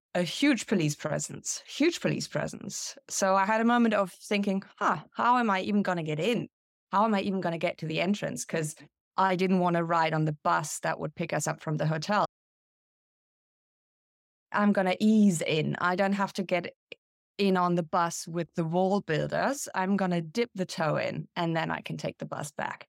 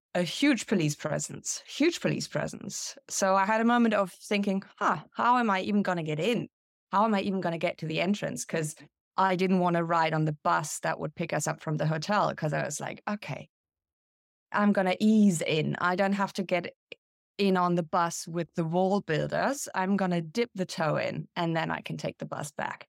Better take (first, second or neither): second